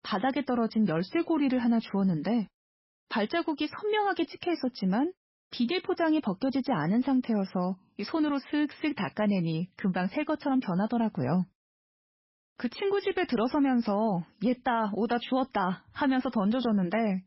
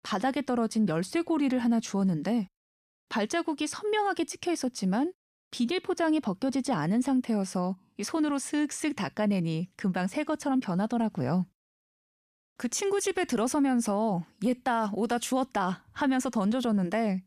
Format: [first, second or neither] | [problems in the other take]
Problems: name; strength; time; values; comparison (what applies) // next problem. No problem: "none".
second | garbled, watery; badly; nothing above 5.5 kHz